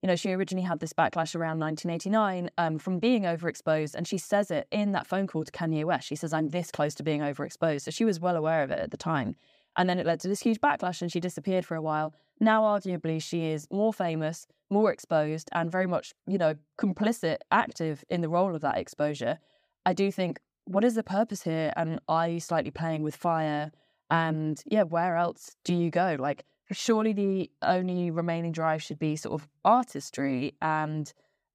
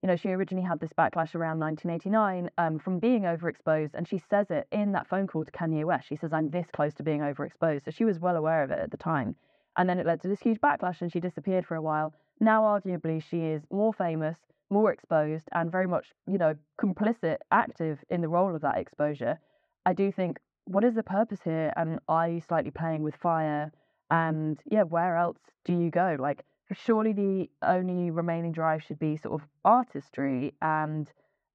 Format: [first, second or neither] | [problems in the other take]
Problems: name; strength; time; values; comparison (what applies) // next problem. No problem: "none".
first | muffled; very; fading above 1.5 kHz